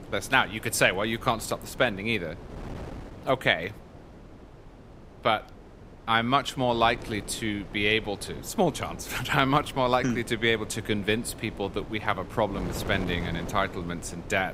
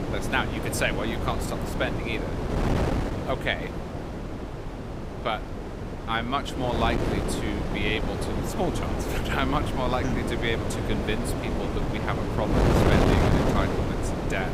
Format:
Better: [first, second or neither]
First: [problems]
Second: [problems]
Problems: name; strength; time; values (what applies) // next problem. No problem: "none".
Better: first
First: wind noise on the microphone; occasional gusts; 20 dB below the speech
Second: wind noise on the microphone; heavy; 1 dB below the speech